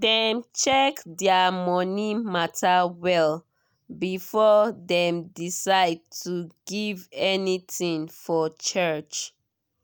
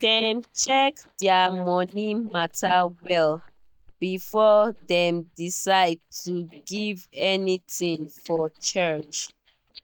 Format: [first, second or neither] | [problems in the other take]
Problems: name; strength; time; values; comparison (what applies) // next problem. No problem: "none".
first | noise reduction (neural mask model DeepFilterNet 3)